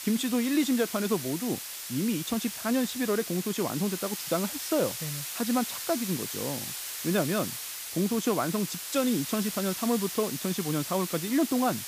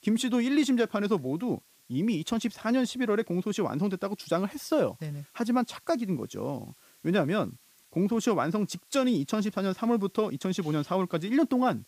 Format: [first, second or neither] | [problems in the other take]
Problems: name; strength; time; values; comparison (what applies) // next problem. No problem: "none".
second | hiss; loud; throughout; 5 dB below the speech; faint in the second